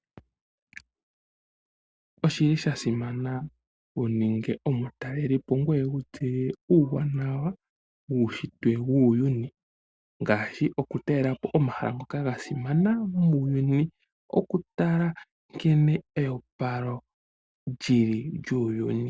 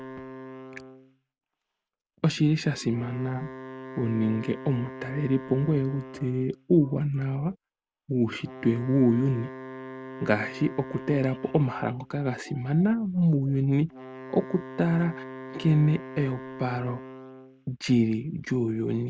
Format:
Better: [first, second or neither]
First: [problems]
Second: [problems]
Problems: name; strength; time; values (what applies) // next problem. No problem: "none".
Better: first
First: none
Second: background sound (Wind instrument, woodwind instrument); 15 dB below the speech